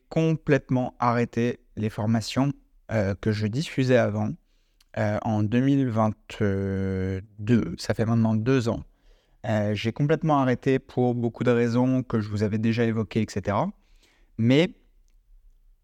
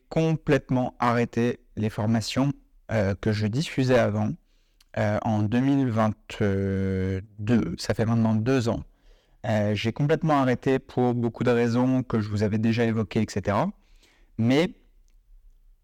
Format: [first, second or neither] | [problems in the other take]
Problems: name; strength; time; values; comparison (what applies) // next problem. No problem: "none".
first | distortion; slight; 6% of the sound clipped